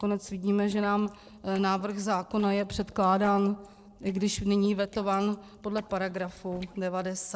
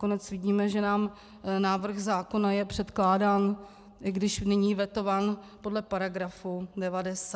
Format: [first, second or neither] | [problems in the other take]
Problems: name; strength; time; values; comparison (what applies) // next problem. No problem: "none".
second | noise reduction (neural separator model SepFormer DNS4)